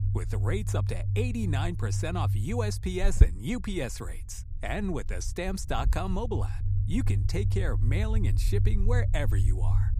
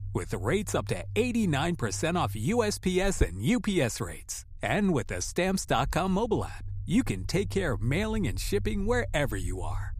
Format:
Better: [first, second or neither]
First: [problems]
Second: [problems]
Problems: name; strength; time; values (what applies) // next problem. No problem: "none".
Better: second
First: low rumble; loud; throughout; 9 dB below the speech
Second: low rumble; faint; throughout; 25 dB below the speech